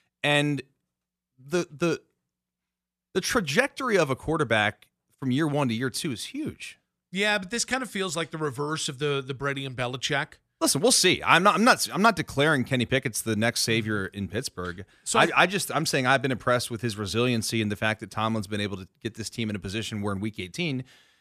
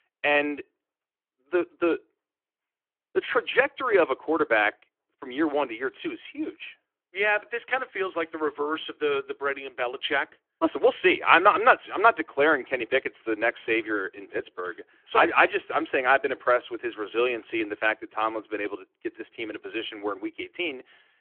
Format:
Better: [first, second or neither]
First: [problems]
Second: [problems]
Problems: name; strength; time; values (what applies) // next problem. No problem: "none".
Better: first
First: none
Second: phone-call audio